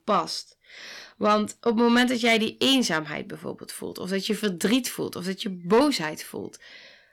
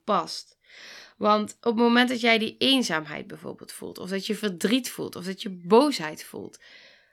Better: second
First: distortion; slight; 10 dB below the speech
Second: none

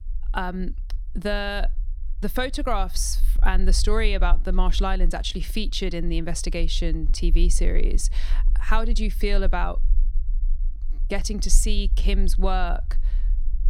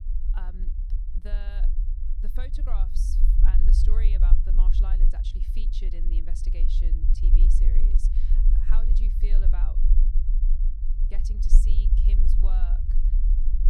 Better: first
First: low rumble; faint; throughout; 25 dB below the speech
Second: low rumble; loud; throughout; 2 dB below the speech

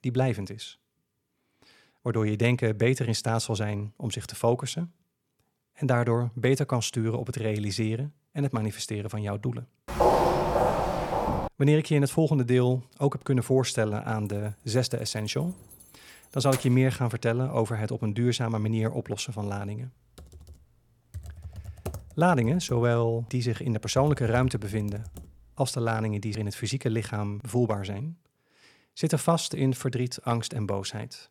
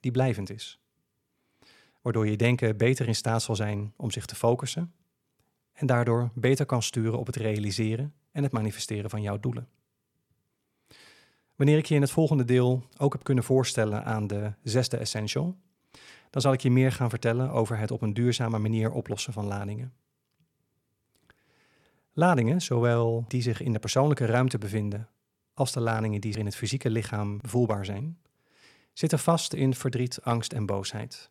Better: second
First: footsteps; loud; from 10 to 11 s; peak 5 dB above the speech // jangling keys; noticeable; from 14 to 17 s; peak 9 dB below the speech // keyboard typing; faint; from 20 to 25 s; peak 10 dB below the speech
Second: none

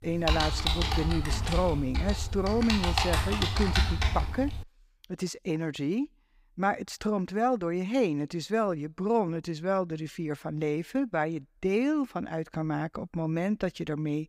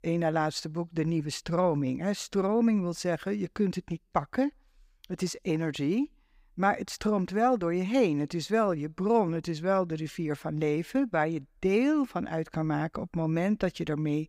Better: second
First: keyboard typing; loud; until 4.5 s; peak 4 dB above the speech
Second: none

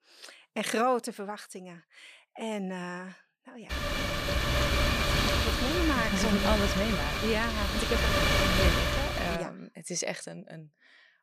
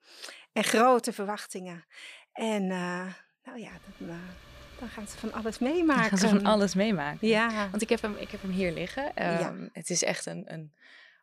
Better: second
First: wind noise on the microphone; heavy; from 3.5 to 9.5 s; 4 dB above the speech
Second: wind noise on the microphone; occasional gusts; from 3.5 to 9.5 s; 25 dB below the speech

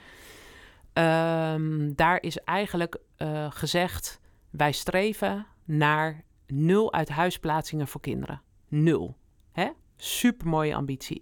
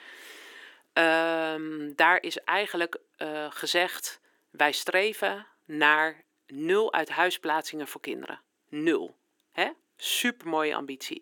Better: first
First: none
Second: thin; somewhat; fading below 300 Hz

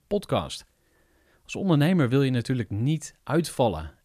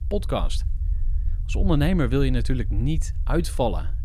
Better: first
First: none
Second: low rumble; faint; throughout; 20 dB below the speech

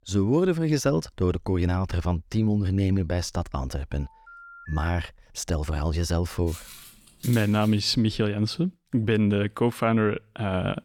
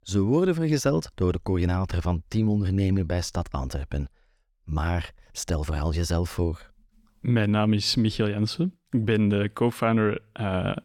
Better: second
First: phone ringing; faint; from 4 to 5 s; peak 15 dB below the speech // footsteps; faint; from 6.5 to 8 s; peak 15 dB below the speech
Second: none

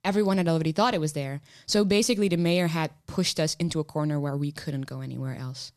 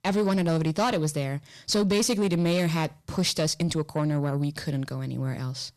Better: first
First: none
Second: distortion; slight; 10 dB below the speech

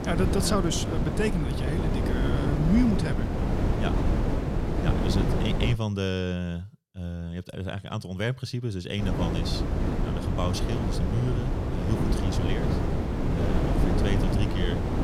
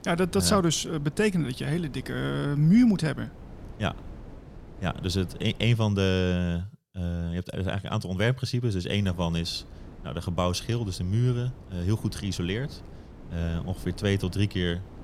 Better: second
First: wind noise on the microphone; heavy; until 5.5 s and from 9 s on; as loud as the speech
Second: wind noise on the microphone; occasional gusts; until 5.5 s and from 9 s on; 20 dB below the speech

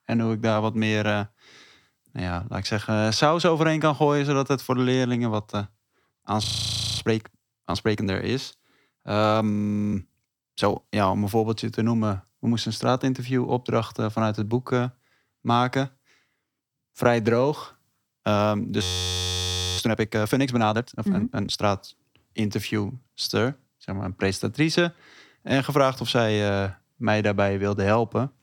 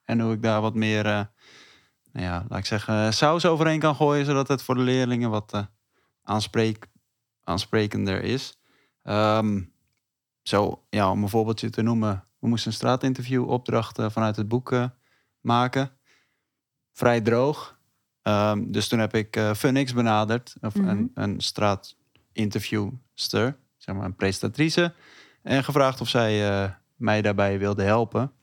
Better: second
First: audio freezing; at 6.5 s for 0.5 s, at 9.5 s and at 19 s for 1 s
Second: none

